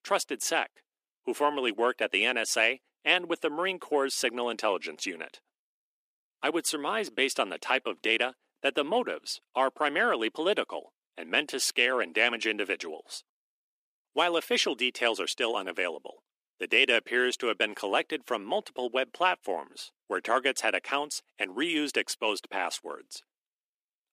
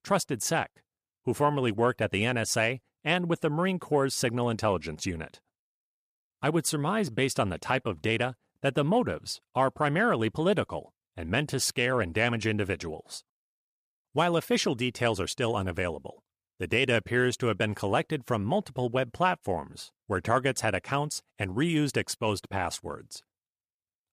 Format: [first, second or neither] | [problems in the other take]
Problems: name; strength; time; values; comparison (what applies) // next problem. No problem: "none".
second | thin; somewhat; fading below 300 Hz